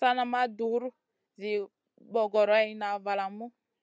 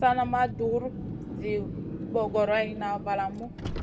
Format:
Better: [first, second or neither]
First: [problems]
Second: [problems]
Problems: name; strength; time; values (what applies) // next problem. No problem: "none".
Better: first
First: none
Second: background sound (Car); 7 dB below the speech // room echo; dies away in 1.4 s